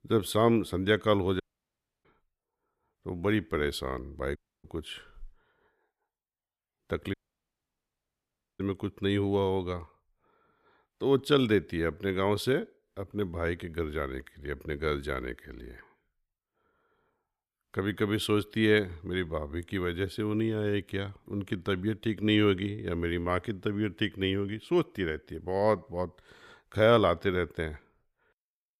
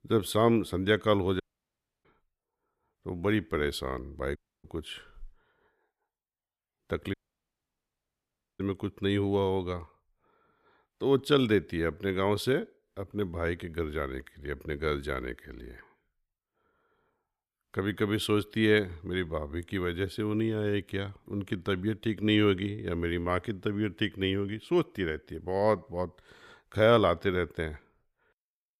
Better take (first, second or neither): neither